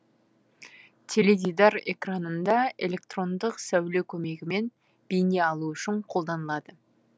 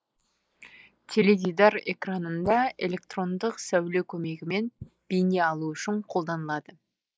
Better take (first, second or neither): first